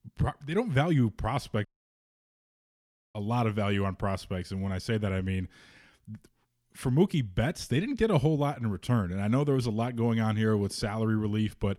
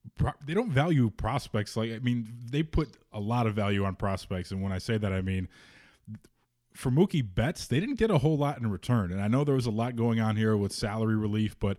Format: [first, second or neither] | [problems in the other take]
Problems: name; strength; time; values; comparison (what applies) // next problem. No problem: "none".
second | audio cutting out; at 1.5 s for 1.5 s